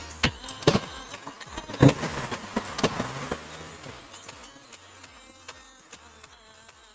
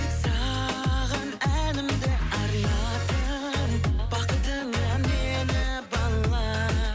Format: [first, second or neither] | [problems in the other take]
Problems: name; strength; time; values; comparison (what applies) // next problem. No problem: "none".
second | noise reduction (neural mask model RNNoise)